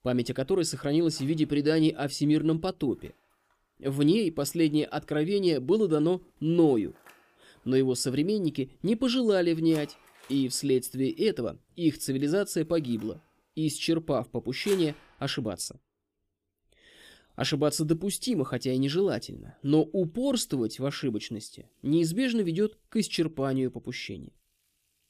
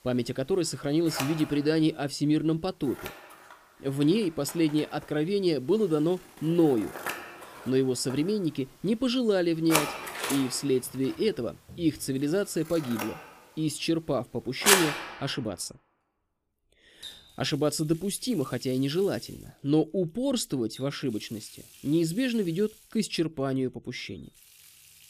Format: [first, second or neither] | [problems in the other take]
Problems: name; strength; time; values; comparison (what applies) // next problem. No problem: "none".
first | household noises; loud; throughout; 3 dB below the speech; faint in the first